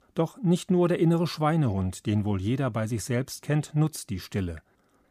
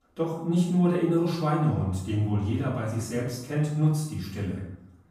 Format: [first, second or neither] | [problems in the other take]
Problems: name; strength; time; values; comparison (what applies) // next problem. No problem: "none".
first | off-mic speech; far // room echo; noticeable; dies away in 0.7 s